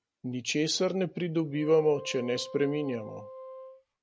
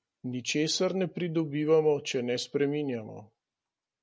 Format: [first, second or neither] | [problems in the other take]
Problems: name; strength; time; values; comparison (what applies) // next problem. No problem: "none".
second | background sound (Wind instrument, woodwind instrument); 16 dB below the speech